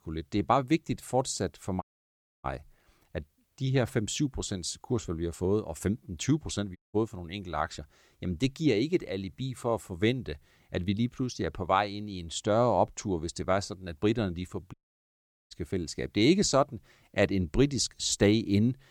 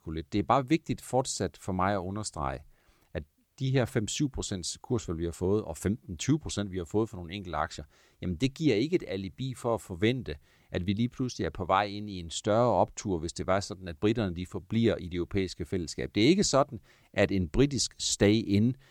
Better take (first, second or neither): second